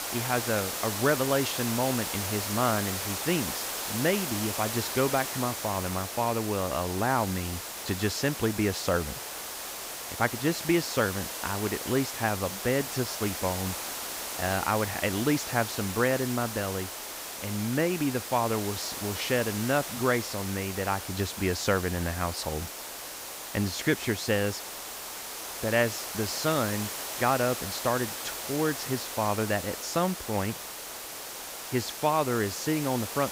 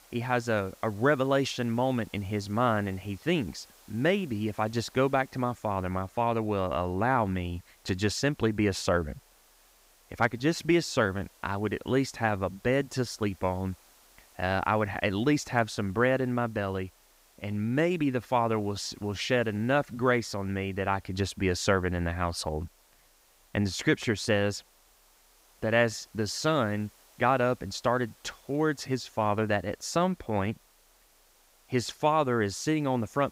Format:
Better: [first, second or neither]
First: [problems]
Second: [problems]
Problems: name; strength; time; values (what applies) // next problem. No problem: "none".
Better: second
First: hiss; loud; throughout; 5 dB below the speech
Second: hiss; faint; throughout; 30 dB below the speech